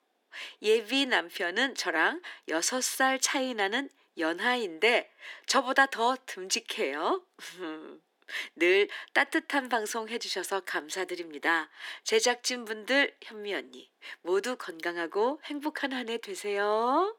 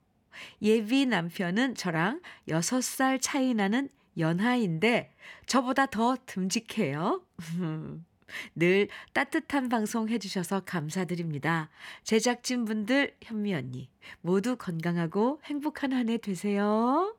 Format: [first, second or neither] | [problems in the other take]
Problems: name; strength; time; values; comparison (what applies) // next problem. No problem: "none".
second | thin; somewhat; fading below 300 Hz